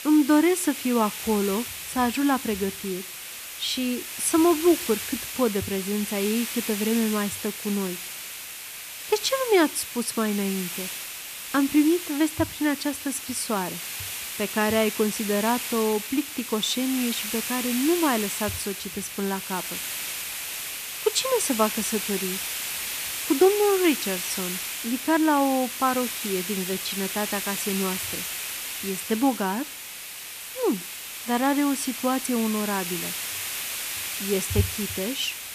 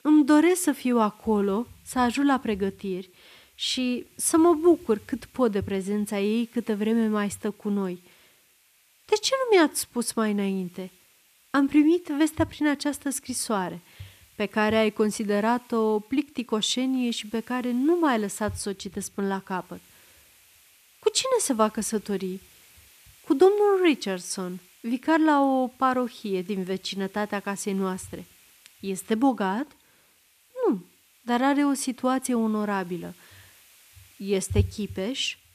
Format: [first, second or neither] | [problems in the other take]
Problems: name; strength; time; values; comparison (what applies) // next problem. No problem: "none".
second | hiss; loud; throughout; 5 dB below the speech; faint in the second